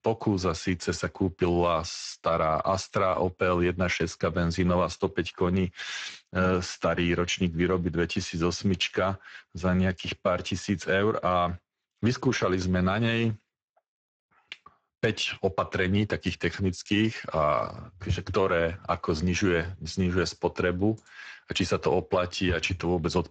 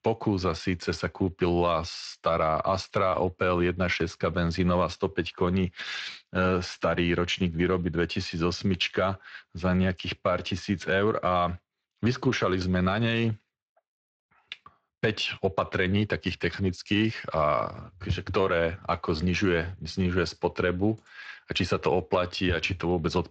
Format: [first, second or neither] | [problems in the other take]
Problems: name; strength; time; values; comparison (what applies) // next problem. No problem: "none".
second | garbled, watery; badly; nothing above 7.5 kHz; slightly in the second